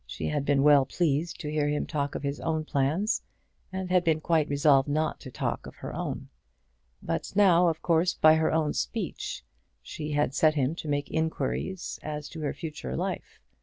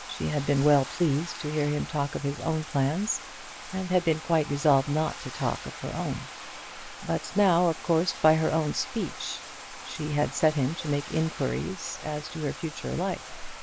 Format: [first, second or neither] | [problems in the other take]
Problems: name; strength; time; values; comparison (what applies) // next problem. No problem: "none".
first | background sound (Bathtub (filling or washing)); 13 dB below the speech